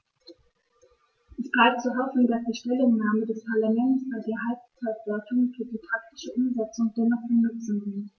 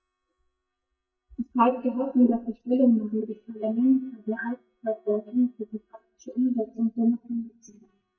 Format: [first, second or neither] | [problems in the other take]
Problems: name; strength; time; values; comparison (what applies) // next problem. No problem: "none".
first | noise reduction (neural mask model DeepFilterNet 3)